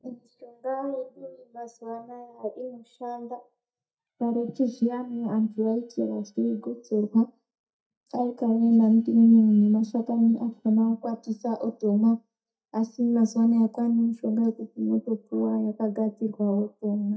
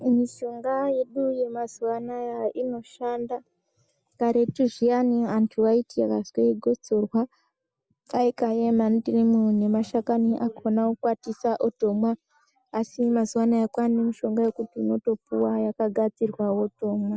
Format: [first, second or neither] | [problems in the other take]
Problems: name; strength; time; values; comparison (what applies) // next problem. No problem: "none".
second | noise reduction (neural mask model DeepFilterNet 3)